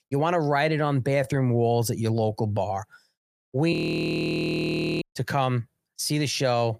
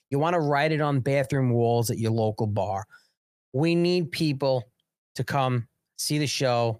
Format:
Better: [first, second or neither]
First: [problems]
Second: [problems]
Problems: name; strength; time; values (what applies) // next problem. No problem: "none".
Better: second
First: audio freezing; at 3.5 s for 1.5 s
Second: none